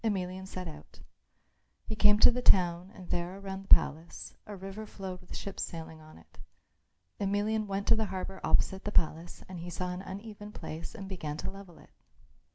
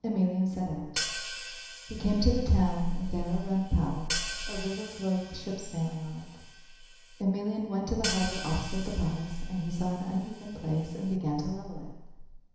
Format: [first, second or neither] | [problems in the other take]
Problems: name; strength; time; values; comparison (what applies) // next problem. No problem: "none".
first | background sound (Hi-hat); 10 dB below the speech // room echo; dies away in 1 s